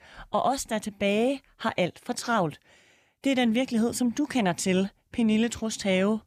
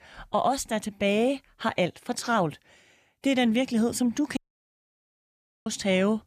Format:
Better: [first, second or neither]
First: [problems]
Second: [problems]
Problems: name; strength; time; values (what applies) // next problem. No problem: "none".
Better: first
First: none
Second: audio cutting out; at 4.5 s for 1.5 s